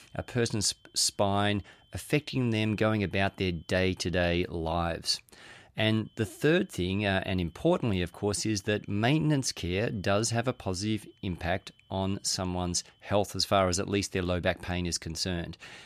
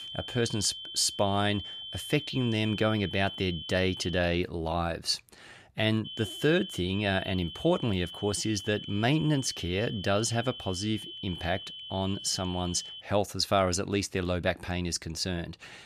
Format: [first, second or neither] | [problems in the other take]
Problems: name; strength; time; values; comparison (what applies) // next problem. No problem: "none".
first | high-pitched whine; loud; until 4 s and from 6 to 13 s; 3 kHz, 10 dB below the speech; faint in the first